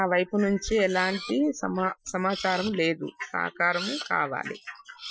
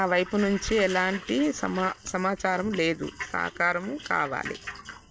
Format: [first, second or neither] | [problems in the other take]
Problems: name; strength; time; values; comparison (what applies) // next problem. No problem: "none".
second | noise reduction (classical method Wiener filter)